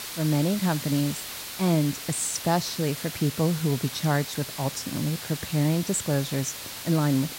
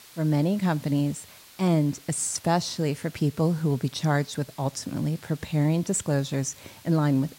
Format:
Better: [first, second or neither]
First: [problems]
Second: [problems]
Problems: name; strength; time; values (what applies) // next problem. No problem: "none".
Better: second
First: hiss; loud; throughout; 8 dB below the speech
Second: hiss; faint; throughout; 20 dB below the speech